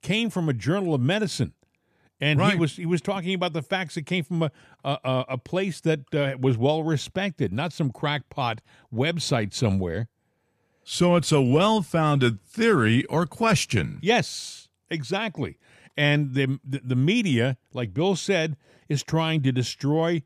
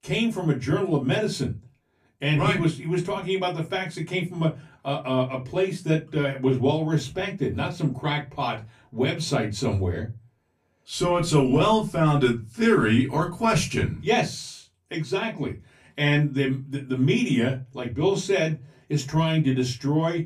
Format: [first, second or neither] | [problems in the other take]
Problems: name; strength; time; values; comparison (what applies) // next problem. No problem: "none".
first | off-mic speech; far // room echo; very slight; dies away in 0.2 s